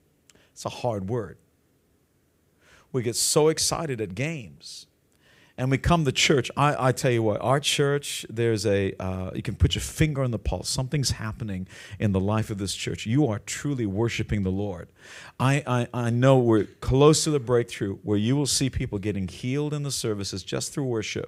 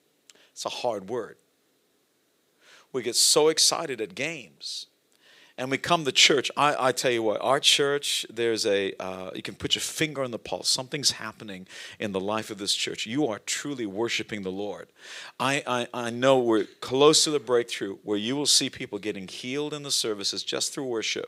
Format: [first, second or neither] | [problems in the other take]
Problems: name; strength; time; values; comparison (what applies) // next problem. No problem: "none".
first | thin; somewhat; fading below 300 Hz